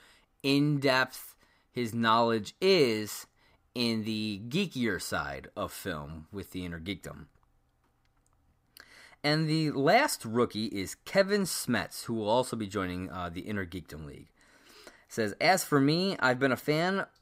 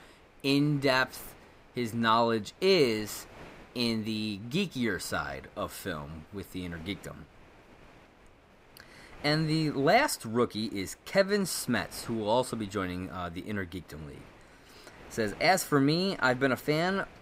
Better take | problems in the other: first | wind noise on the microphone; occasional gusts; 25 dB below the speech

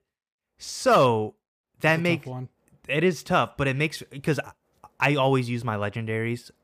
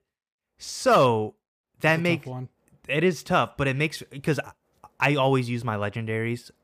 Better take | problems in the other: neither | none

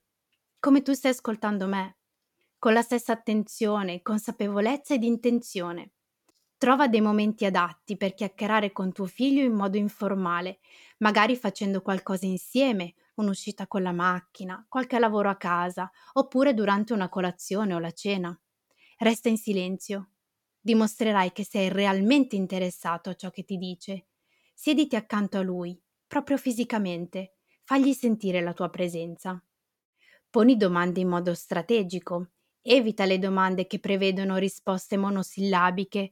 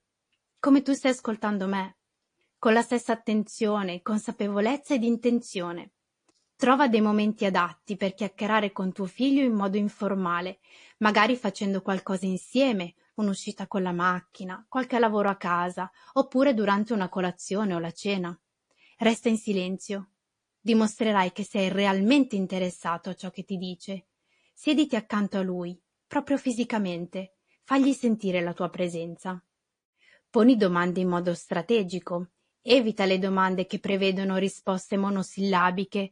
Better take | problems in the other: first | garbled, watery; slightly

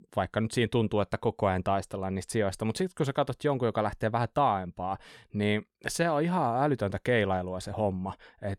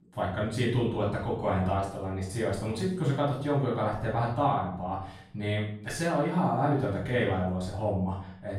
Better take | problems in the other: first | off-mic speech; far // room echo; noticeable; dies away in 0.6 s

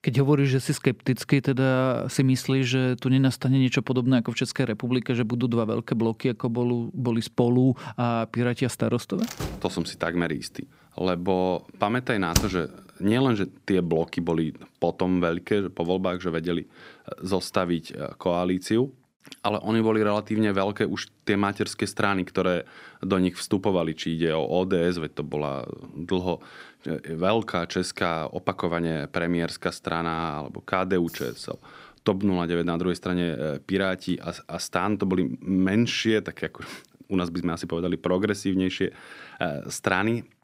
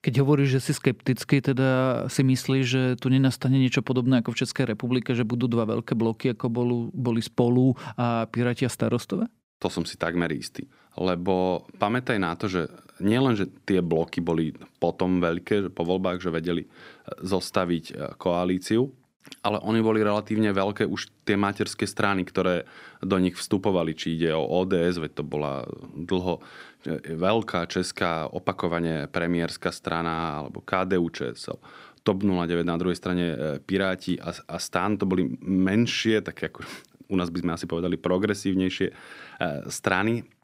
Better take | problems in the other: second | door banging; noticeable; from 9.5 to 12 s; peak level with the speech // jangling keys; faint; at 31 s; peak 20 dB below the speech

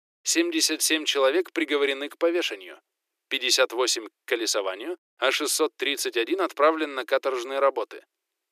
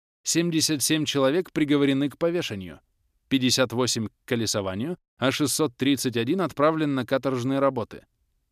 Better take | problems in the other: second | thin; very; fading below 350 Hz

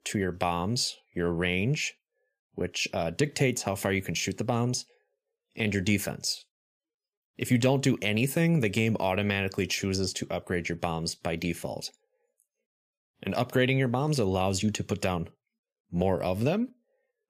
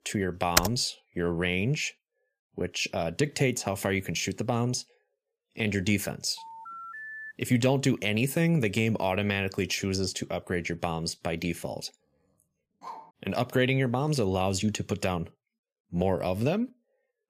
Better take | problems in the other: first | keyboard typing; loud; at 0.5 s; peak 3 dB above the speech // phone ringing; faint; at 6.5 s; peak 10 dB below the speech // dog barking; faint; at 13 s; peak 15 dB below the speech

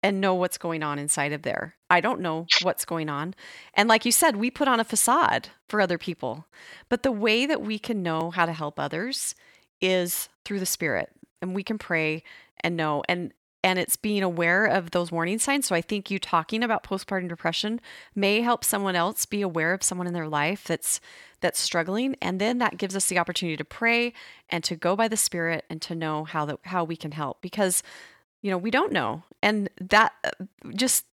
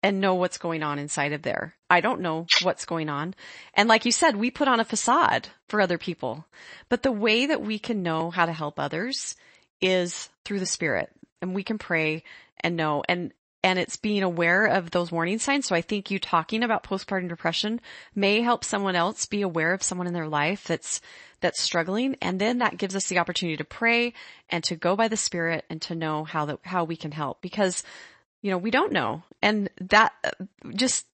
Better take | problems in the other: first | garbled, watery; slightly; nothing above 8 kHz

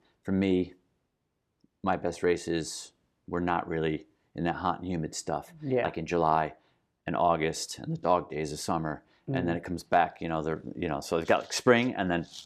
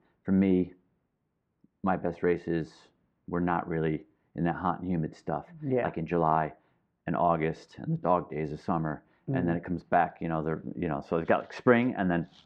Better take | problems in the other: first | muffled; very; fading above 2 kHz

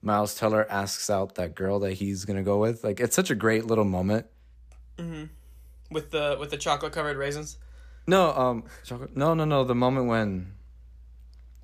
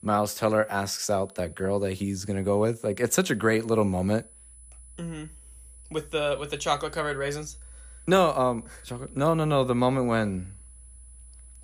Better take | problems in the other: first | high-pitched whine; faint; throughout; 10 kHz, 25 dB below the speech

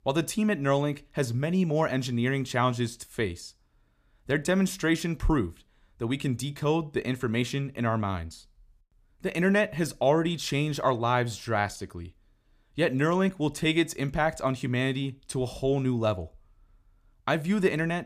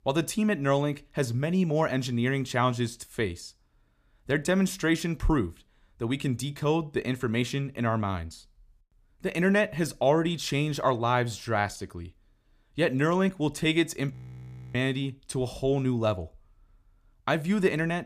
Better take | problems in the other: first | audio freezing; at 14 s for 0.5 s

